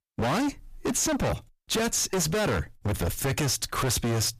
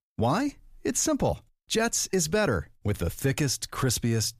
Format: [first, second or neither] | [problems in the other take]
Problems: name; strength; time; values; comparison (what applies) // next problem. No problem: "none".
second | distortion; heavy; 34% of the sound clipped